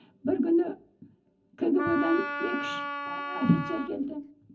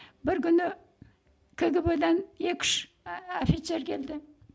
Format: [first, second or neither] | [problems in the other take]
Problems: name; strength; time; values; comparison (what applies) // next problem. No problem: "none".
second | background sound (Wind instrument, woodwind instrument); 5 dB below the speech // room echo; dies away in 0.4 s